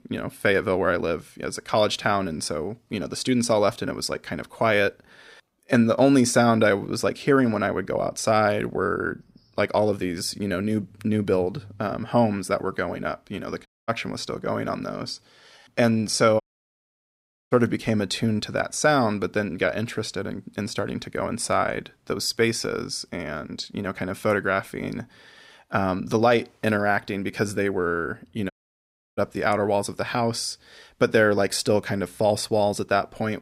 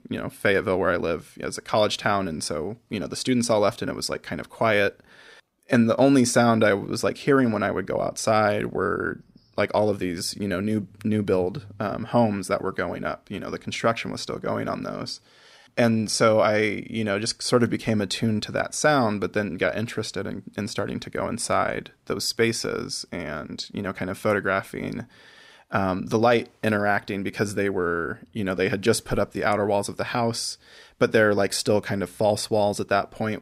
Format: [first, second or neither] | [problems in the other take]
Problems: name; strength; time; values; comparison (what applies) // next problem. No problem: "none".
second | audio cutting out; at 14 s, at 16 s for 1 s and at 29 s for 0.5 s